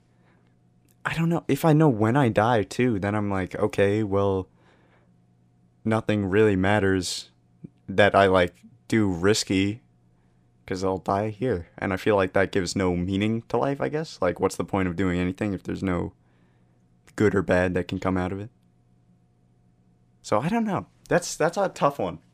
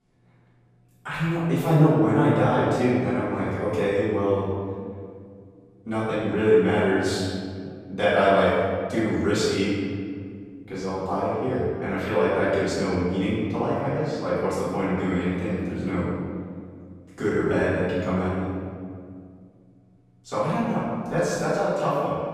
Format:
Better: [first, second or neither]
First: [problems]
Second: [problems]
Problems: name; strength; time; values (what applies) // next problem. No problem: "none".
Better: first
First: none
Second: off-mic speech; far // room echo; strong; dies away in 1.8 s